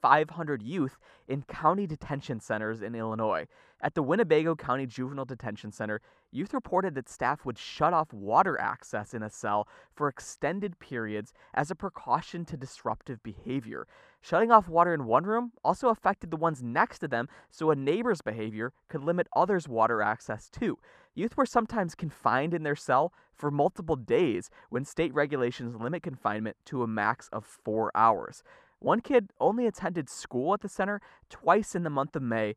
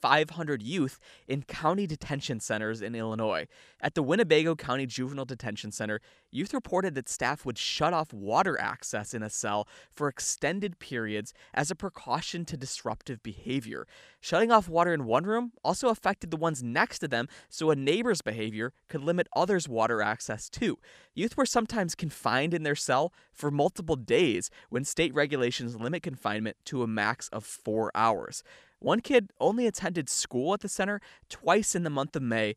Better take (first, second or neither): second